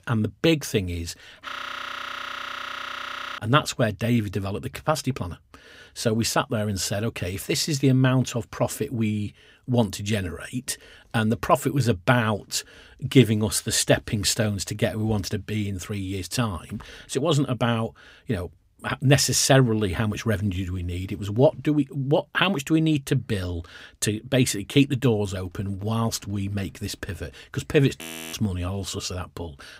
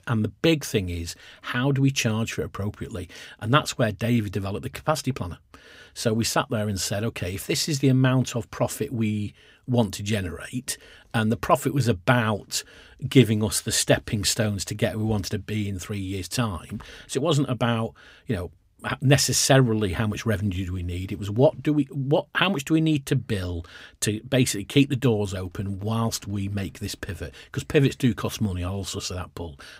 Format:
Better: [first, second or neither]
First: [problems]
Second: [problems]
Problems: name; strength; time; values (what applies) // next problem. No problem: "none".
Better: second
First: audio freezing; at 1.5 s for 2 s and at 28 s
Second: none